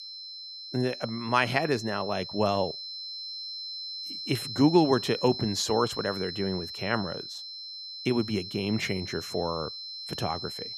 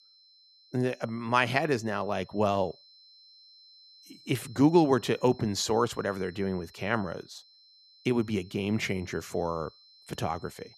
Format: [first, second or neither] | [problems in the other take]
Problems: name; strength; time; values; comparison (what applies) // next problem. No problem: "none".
second | high-pitched whine; loud; throughout; 4 kHz, 8 dB below the speech; faint in the second